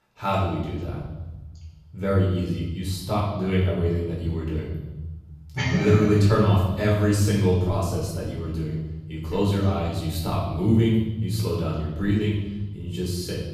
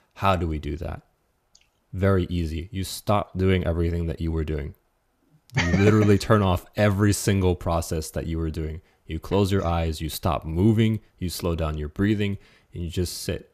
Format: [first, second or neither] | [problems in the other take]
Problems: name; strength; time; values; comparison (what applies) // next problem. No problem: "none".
second | off-mic speech; far // room echo; noticeable; dies away in 1.3 s